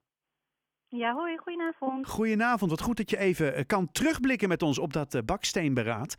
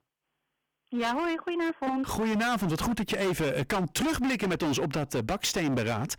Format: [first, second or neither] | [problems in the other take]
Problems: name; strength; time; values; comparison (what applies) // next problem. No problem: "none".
first | distortion; heavy; 24% of the sound clipped